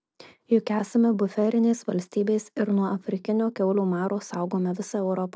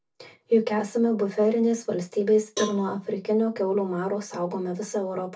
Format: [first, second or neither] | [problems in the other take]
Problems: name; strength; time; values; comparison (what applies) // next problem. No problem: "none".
first | background sound (Cowbell); 15 dB below the speech // room echo; dies away in 0.2 s